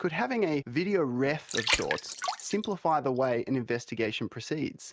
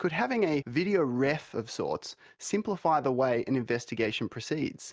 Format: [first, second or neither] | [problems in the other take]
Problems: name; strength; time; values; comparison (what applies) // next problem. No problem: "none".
second | noise reduction (neural mask model RNNoise)